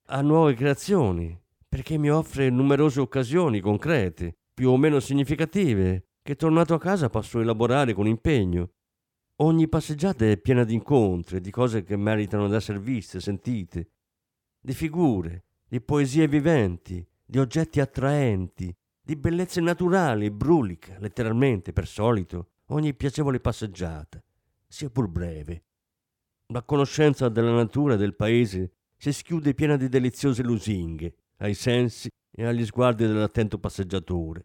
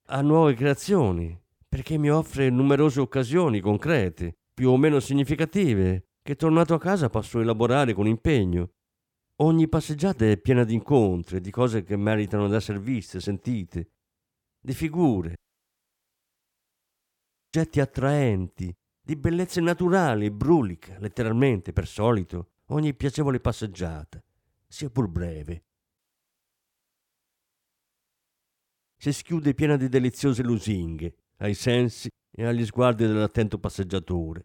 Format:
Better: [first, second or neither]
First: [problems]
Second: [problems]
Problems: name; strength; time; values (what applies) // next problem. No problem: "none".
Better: first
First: none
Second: audio cutting out; at 15 s for 2 s and at 26 s for 3 s